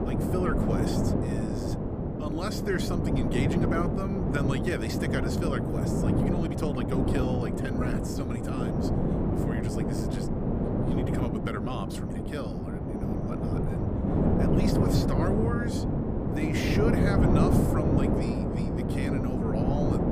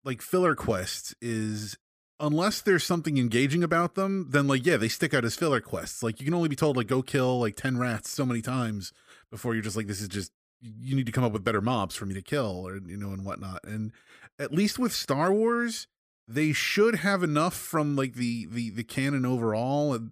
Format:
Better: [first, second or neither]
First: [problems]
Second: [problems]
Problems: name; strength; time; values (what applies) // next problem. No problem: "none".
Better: second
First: wind noise on the microphone; heavy; 3 dB above the speech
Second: none